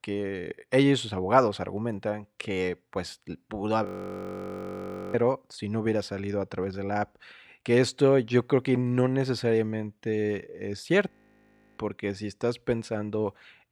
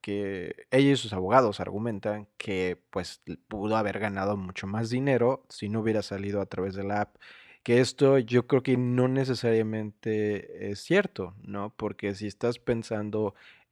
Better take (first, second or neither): second